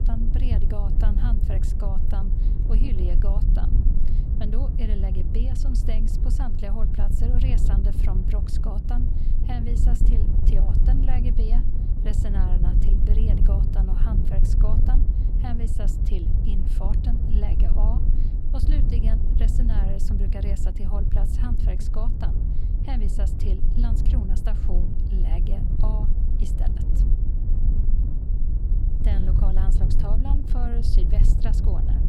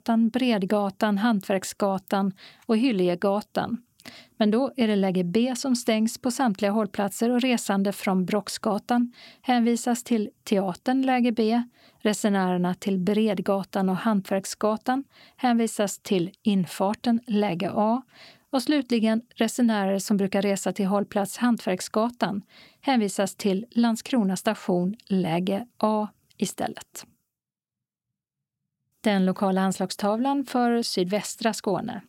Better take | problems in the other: second | wind noise on the microphone; heavy; 1 dB below the speech

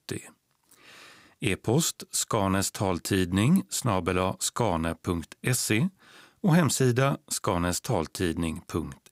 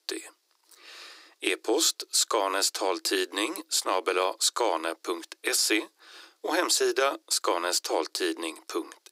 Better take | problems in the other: first | thin; very; fading below 300 Hz

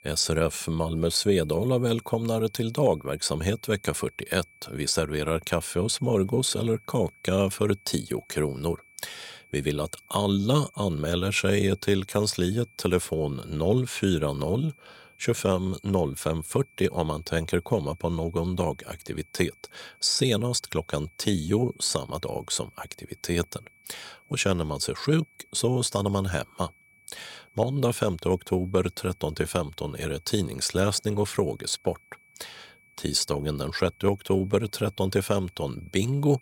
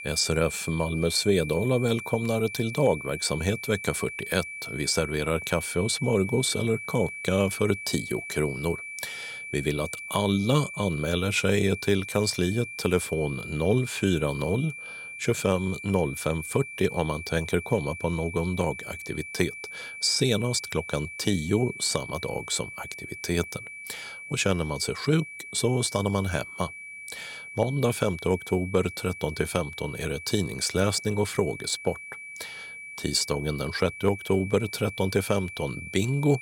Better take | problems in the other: first | high-pitched whine; loud; throughout; 2.5 kHz, 10 dB below the speech; faint in the first

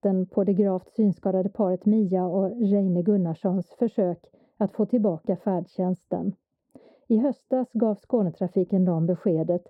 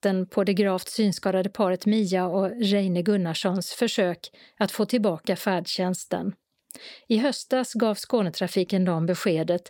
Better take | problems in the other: second | muffled; very; fading above 1 kHz

